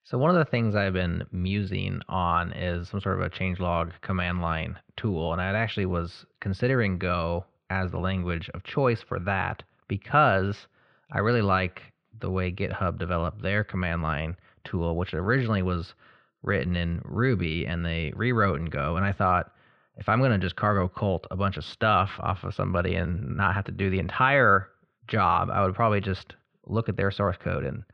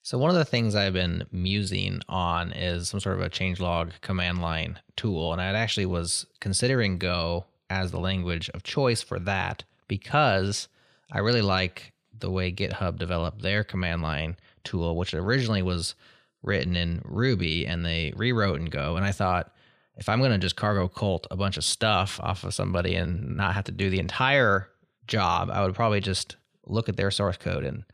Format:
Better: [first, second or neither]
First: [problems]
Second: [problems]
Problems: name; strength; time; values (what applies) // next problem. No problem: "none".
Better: second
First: muffled; very; fading above 2.5 kHz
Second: none